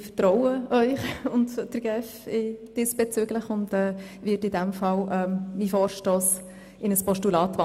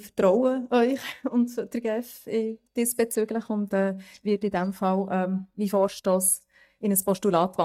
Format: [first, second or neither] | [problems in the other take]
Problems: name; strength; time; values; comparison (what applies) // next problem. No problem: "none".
first | noise reduction (neural mask model DeepFilterNet 3)